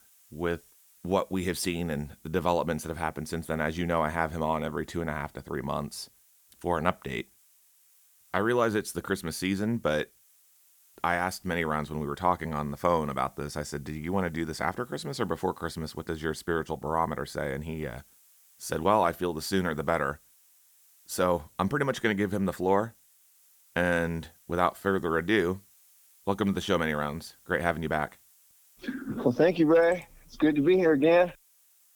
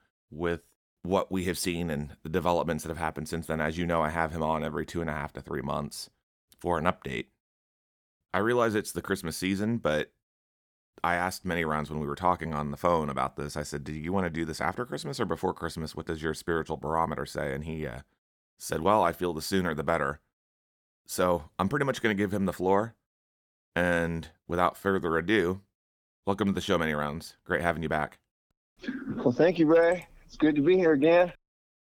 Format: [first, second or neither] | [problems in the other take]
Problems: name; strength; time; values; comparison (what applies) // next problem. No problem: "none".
second | hiss; faint; throughout; 30 dB below the speech